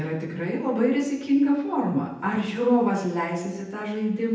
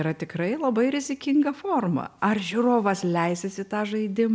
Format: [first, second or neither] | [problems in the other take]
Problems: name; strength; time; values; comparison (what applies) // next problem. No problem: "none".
second | room echo; dies away in 0.8 s